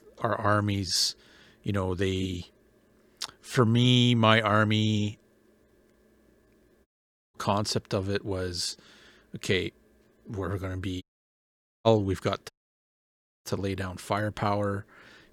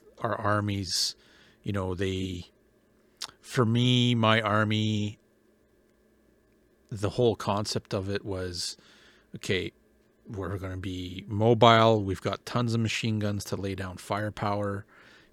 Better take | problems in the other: second | audio cutting out; at 7 s, at 11 s for 1 s and at 13 s for 1 s

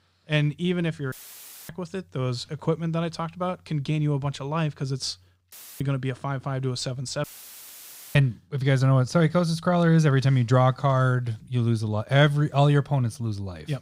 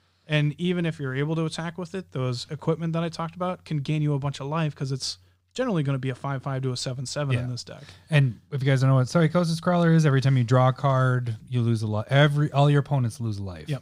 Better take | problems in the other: second | audio cutting out; filled with static; at 1 s for 0.5 s, at 5.5 s and at 7 s for 1 s

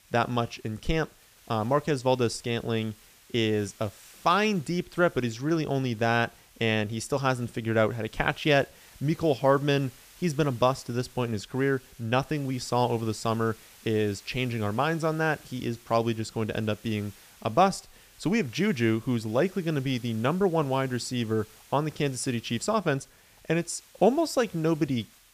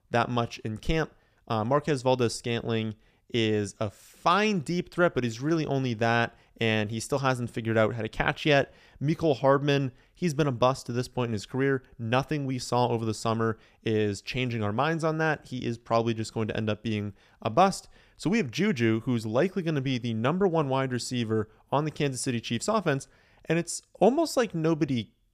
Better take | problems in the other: second | hiss; faint; throughout; 25 dB below the speech

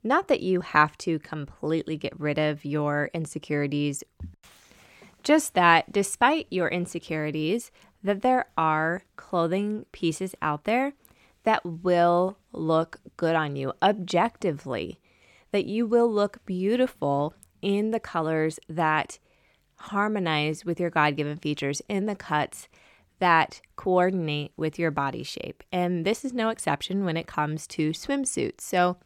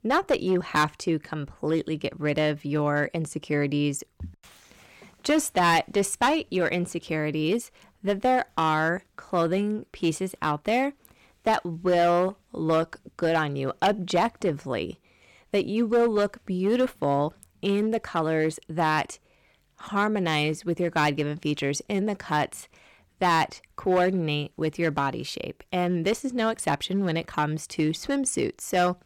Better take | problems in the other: first | distortion; slight; 4% of the sound clipped

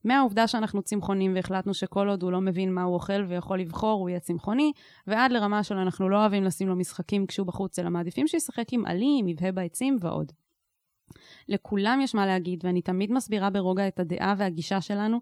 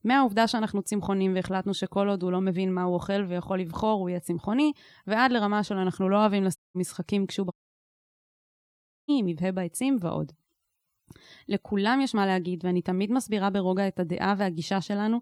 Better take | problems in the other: first | audio cutting out; at 6.5 s and at 7.5 s for 1.5 s

